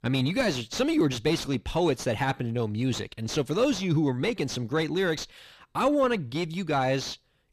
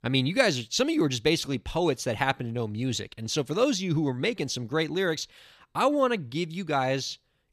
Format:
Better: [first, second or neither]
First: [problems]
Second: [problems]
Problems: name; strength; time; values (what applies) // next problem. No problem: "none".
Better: second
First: distortion; slight; 9 dB below the speech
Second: none